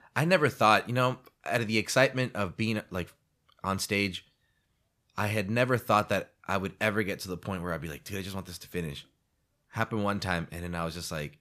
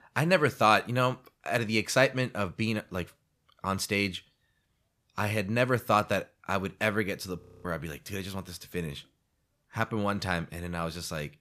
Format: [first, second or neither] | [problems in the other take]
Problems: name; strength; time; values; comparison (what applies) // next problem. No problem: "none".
first | audio freezing; at 7.5 s